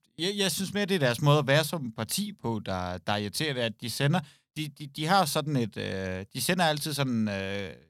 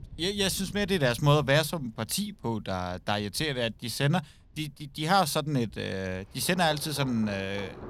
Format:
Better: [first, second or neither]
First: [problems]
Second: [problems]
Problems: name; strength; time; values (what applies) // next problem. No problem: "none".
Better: first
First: none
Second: rain or running water; faint; throughout; 20 dB below the speech